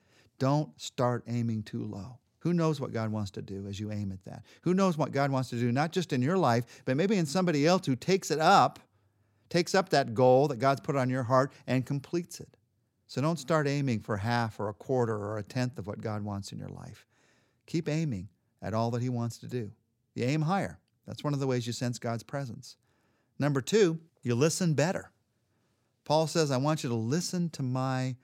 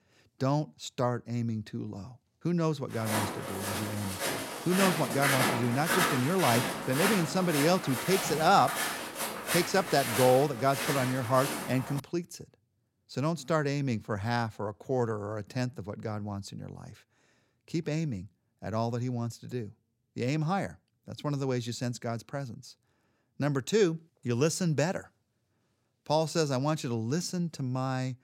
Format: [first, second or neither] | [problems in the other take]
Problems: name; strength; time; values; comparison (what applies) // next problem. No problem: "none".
first | footsteps; loud; from 3 to 12 s; peak 4 dB above the speech